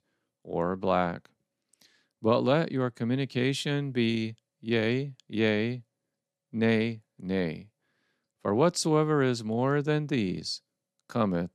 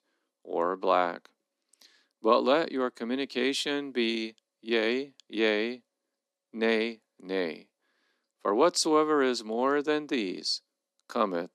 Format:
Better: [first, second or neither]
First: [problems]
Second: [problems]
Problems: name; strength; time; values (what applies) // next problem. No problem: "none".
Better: first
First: none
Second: thin; very slightly; fading below 250 Hz